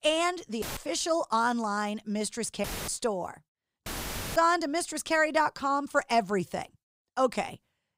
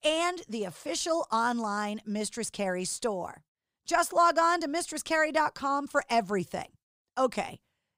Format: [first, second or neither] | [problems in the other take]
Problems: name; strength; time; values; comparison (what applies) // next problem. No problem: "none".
second | audio cutting out; filled with static; at 0.5 s, at 2.5 s and at 4 s for 0.5 s